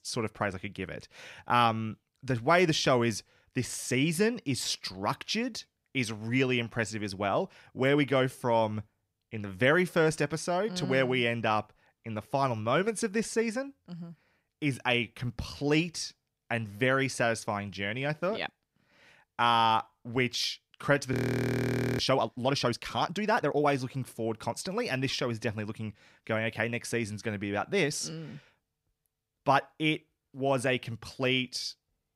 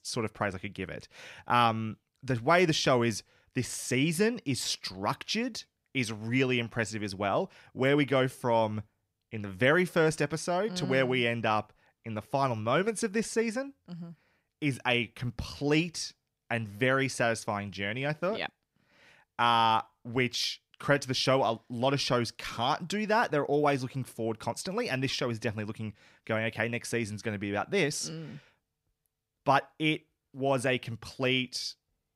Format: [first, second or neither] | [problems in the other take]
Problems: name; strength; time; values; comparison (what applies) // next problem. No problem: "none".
second | audio freezing; at 21 s for 1 s